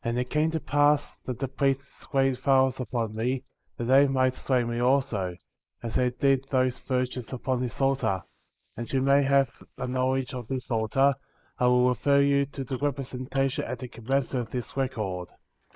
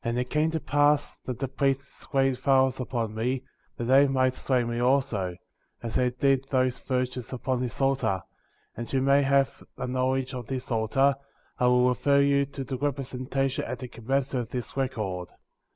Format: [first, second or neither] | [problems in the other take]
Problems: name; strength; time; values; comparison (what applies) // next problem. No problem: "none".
second | noise reduction (neural mask model Resemble Enhance denoiser)